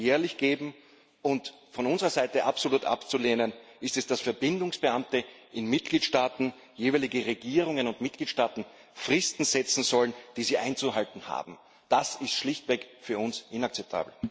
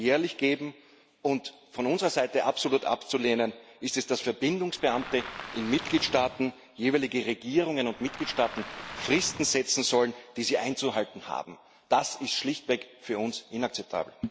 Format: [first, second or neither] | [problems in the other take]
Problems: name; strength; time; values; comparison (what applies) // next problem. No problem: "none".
first | background sound (Waves, surf); 13 dB below the speech